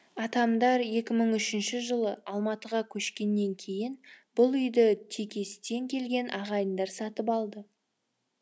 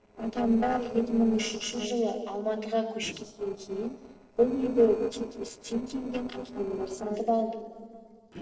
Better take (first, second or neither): first